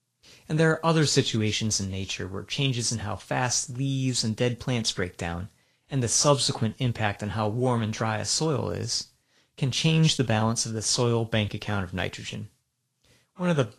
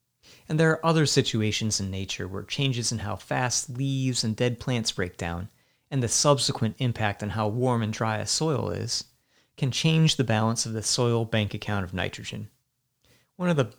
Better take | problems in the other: second | garbled, watery; slightly

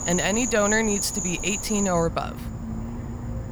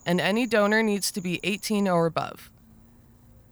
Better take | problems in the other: second | animal sounds; loud; throughout; 5 dB below the speech; faint in the second

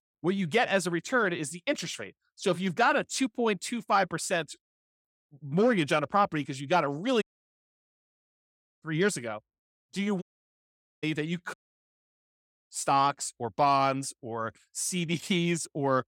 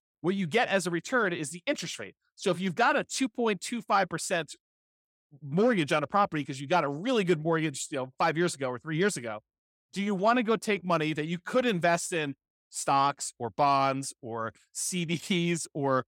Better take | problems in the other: second | audio cutting out; at 7 s for 1.5 s, at 10 s for 1 s and at 12 s for 1 s

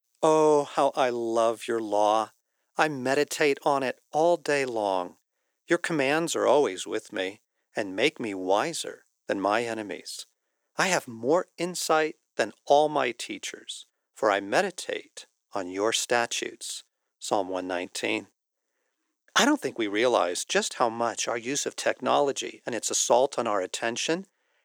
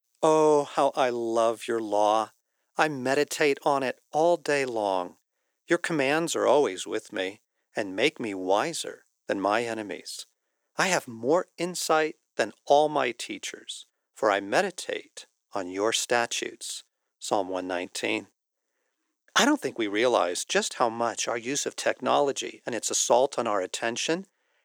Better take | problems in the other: neither | thin; somewhat; fading below 450 Hz; the same in both

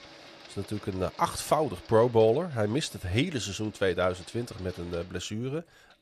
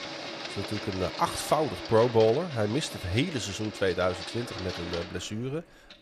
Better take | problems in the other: first | household noises; loud; throughout; 9 dB below the speech; faint in the first

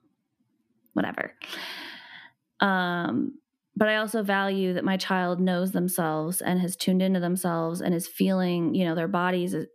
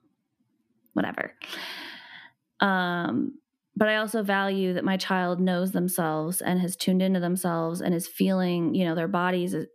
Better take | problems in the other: neither | none

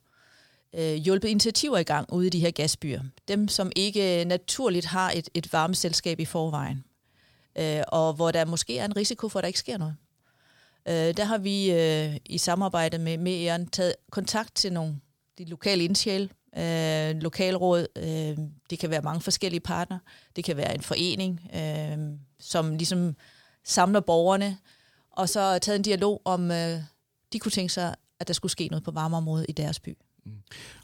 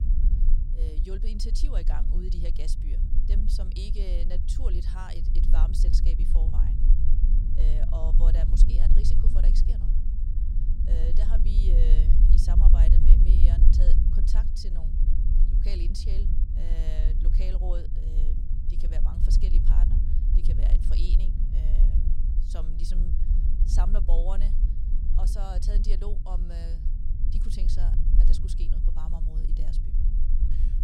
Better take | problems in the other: first | low rumble; loud; throughout; 3 dB below the speech

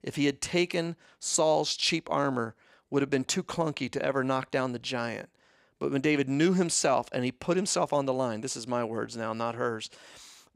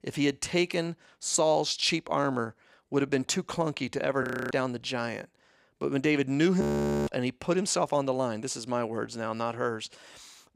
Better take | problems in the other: first | audio freezing; at 4 s and at 6.5 s

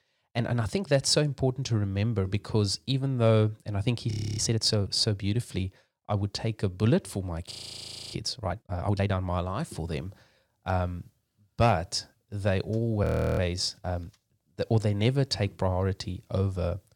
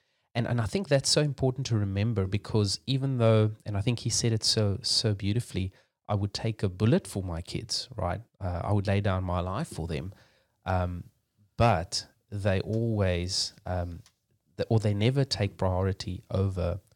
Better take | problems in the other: second | audio freezing; at 4 s, at 7.5 s for 0.5 s and at 13 s

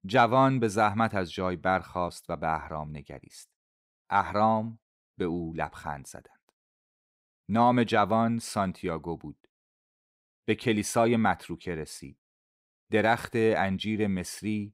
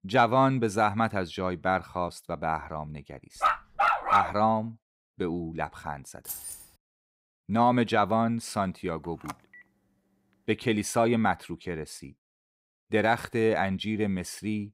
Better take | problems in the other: first | dog barking; loud; at 3.5 s; peak 5 dB above the speech // jangling keys; noticeable; at 6.5 s; peak 9 dB below the speech // phone ringing; faint; from 9 to 11 s; peak 15 dB below the speech

